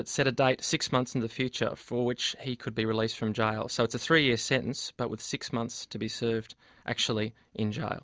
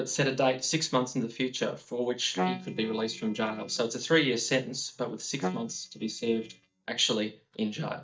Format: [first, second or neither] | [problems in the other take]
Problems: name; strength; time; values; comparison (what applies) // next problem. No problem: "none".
first | noise reduction (neural mask model DeepFilterNet 3)